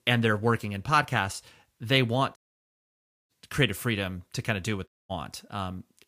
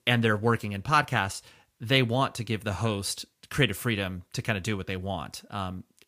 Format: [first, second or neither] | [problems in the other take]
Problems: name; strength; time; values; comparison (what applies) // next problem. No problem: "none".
second | audio cutting out; at 2.5 s for 1 s and at 5 s